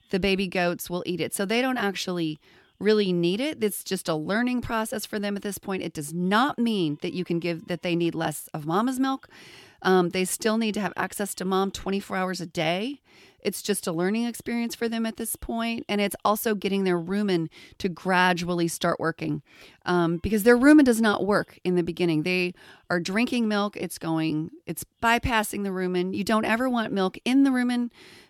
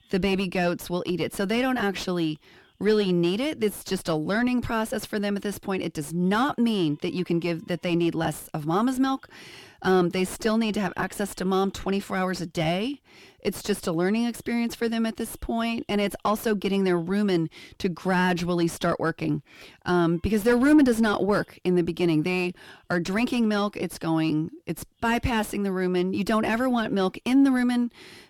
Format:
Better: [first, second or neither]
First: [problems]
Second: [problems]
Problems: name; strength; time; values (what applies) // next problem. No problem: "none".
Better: first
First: none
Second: distortion; slight; 10 dB below the speech